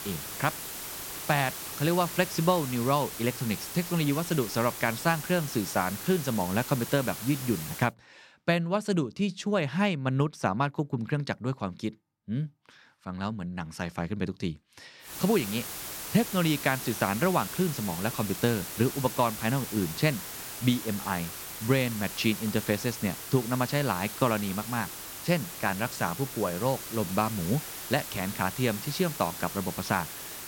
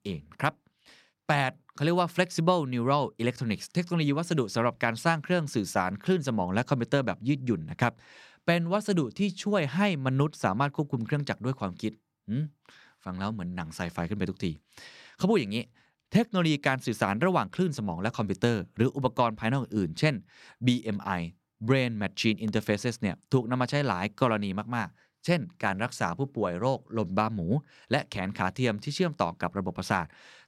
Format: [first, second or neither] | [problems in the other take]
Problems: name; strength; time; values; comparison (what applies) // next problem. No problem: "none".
second | hiss; loud; until 8 s and from 15 s on; 7 dB below the speech